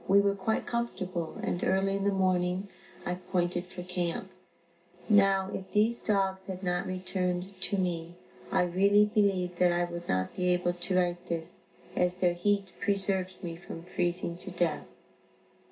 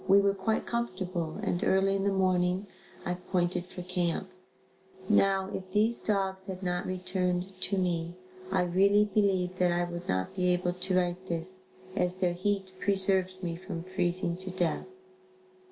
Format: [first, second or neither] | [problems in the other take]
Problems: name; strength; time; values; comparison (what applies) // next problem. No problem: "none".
second | room echo; dies away in 0.2 s